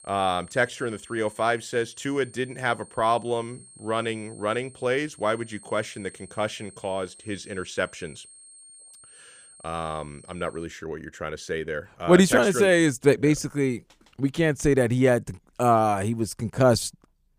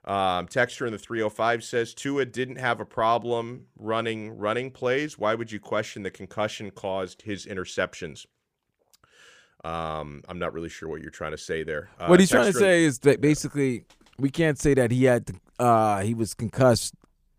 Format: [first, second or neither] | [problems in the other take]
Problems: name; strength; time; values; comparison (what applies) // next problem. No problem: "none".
second | high-pitched whine; faint; until 11 s; 8.5 kHz, 20 dB below the speech